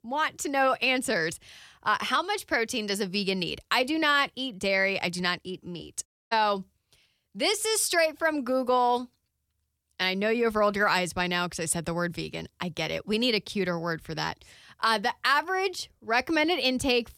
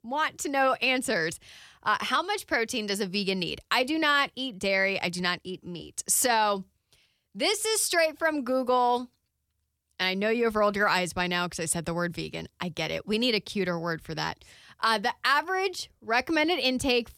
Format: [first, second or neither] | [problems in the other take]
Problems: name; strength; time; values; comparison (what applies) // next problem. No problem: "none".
second | audio cutting out; at 6 s